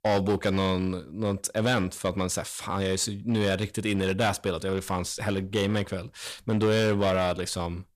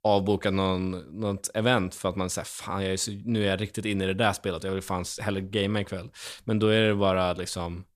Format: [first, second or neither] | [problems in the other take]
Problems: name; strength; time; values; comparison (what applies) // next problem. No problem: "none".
second | distortion; slight; 6% of the sound clipped